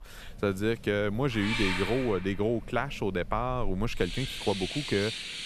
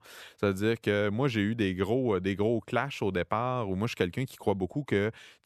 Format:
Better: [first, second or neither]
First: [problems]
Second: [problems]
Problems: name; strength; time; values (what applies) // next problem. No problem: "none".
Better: second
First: animal sounds; loud; throughout; 5 dB below the speech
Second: none